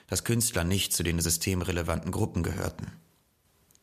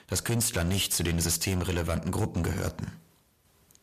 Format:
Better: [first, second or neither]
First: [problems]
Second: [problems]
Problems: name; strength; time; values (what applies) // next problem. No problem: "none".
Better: first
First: none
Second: distortion; slight; 11% of the sound clipped